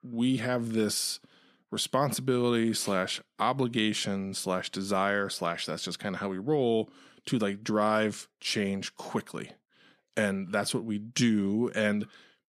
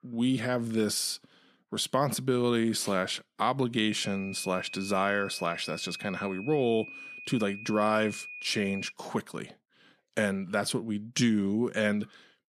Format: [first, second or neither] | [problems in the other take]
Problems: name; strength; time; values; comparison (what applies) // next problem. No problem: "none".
first | high-pitched whine; noticeable; from 4 to 9 s; 2.5 kHz, 10 dB below the speech